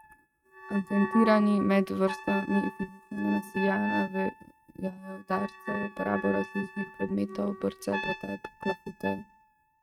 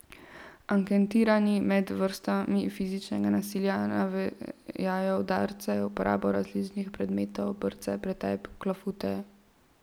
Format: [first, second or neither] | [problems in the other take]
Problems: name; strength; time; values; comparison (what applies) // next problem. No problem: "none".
second | noise reduction (neural mask model RNNoise)